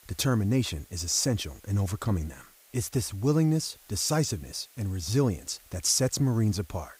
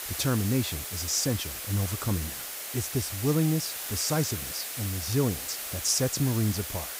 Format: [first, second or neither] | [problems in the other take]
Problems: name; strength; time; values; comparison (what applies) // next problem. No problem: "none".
first | hiss; loud; throughout; 5 dB below the speech; faint in the first